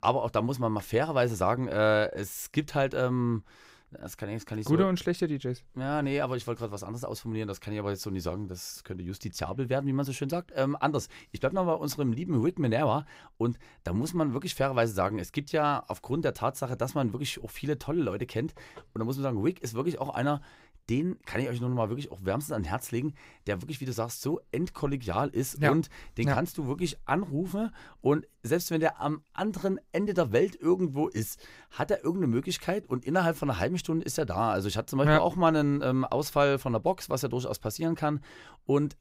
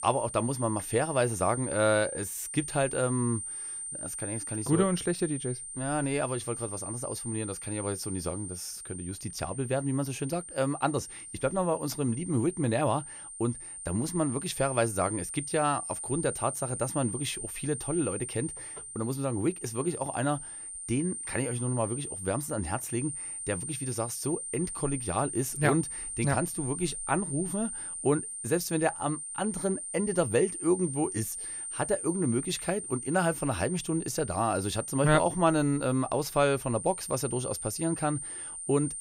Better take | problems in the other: first | high-pitched whine; loud; throughout; 9 kHz, 6 dB below the speech

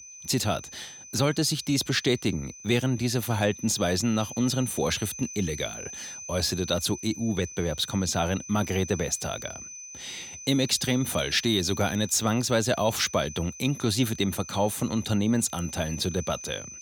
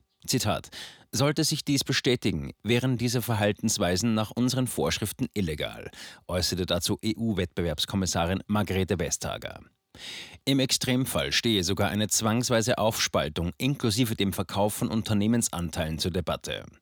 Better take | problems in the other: second | high-pitched whine; noticeable; throughout; 6 kHz, 15 dB below the speech

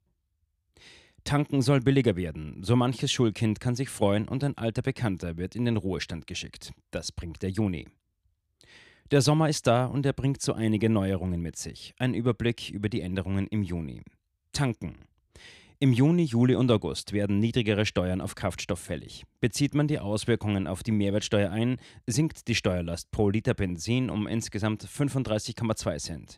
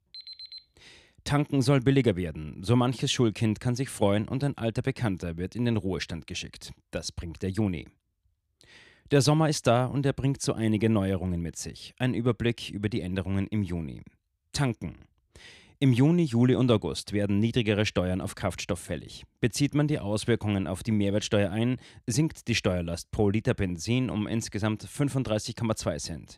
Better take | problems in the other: first | alarm; faint; at the start; peak 15 dB below the speech

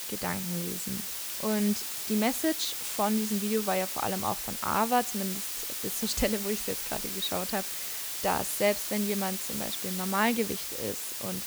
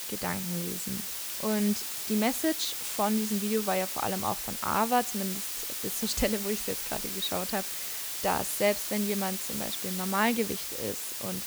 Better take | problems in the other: neither | hiss; loud; throughout; 1 dB below the speech; the same in both

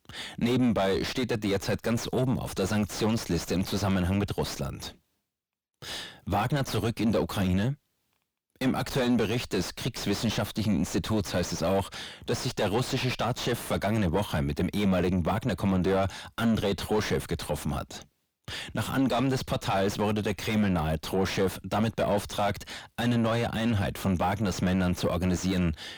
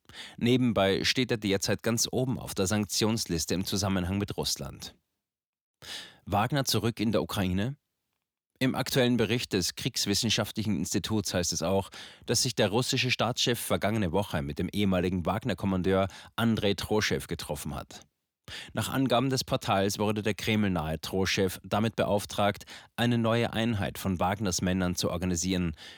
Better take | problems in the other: second | distortion; heavy; 5 dB below the speech

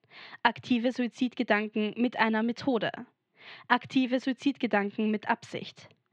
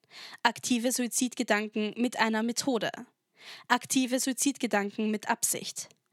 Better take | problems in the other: second | muffled; very; fading above 3.5 kHz

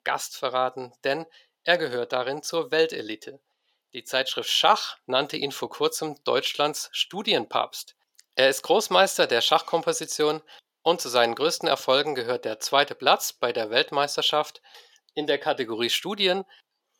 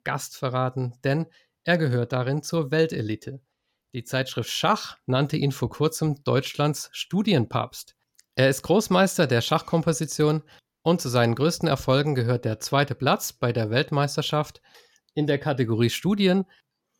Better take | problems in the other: second | thin; very; fading below 500 Hz

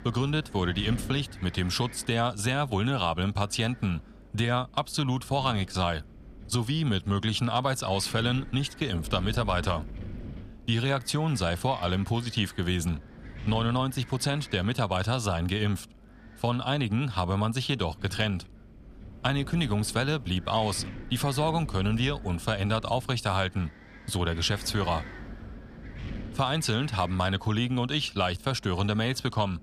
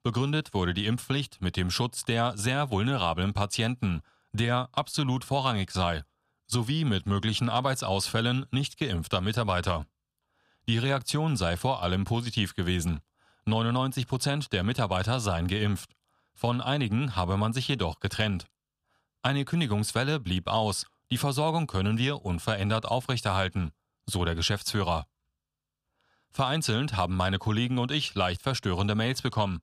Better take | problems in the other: second | wind noise on the microphone; occasional gusts; 20 dB below the speech

